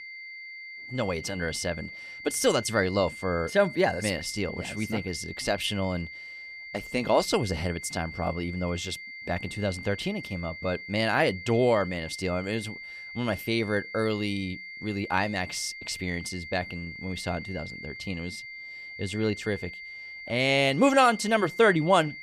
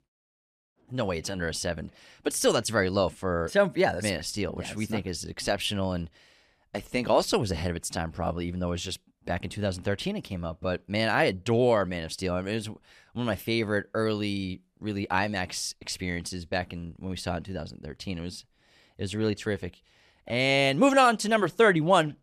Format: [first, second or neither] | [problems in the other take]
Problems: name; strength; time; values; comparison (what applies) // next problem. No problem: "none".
second | high-pitched whine; noticeable; throughout; 2 kHz, 10 dB below the speech